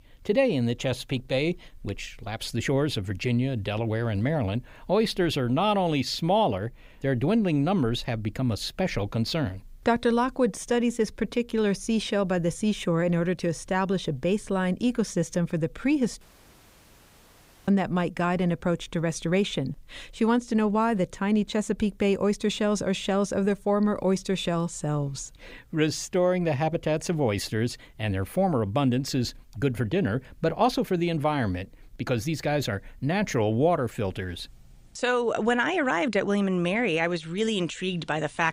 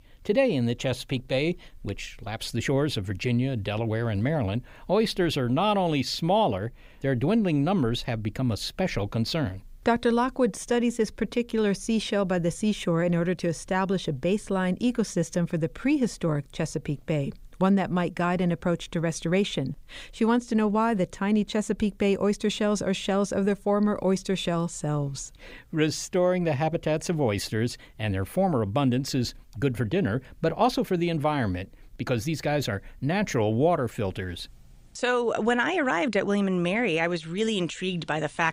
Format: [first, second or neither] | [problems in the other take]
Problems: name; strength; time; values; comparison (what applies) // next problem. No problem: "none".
second | audio cutting out; at 16 s for 1.5 s